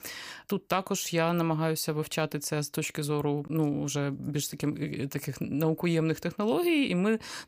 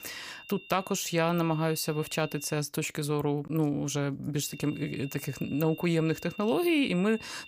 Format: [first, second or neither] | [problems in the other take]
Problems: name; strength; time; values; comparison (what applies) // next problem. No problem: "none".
first | high-pitched whine; noticeable; until 2.5 s and from 4.5 s on; 3 kHz, 15 dB below the speech